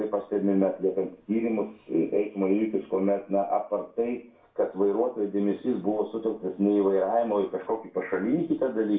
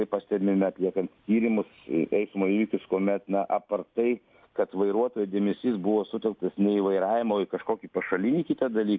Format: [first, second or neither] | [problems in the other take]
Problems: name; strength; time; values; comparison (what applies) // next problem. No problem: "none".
second | room echo; dies away in 0.3 s